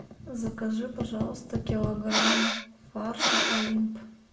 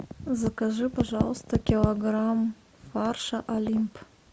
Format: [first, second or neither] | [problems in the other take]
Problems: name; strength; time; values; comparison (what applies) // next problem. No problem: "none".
second | background sound (Breathing); 3 dB above the speech // room echo; dies away in 0.6 s